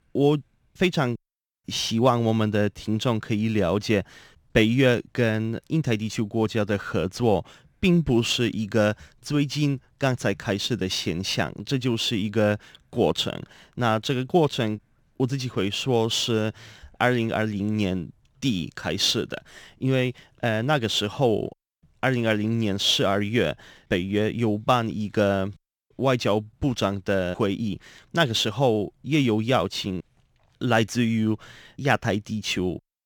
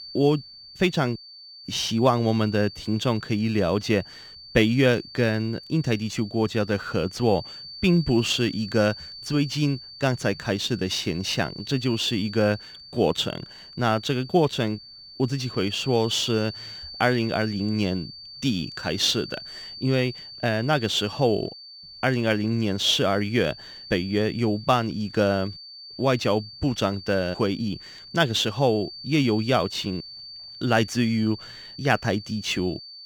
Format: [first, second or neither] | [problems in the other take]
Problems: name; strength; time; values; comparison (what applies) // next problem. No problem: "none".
first | high-pitched whine; noticeable; throughout; 4.5 kHz, 15 dB below the speech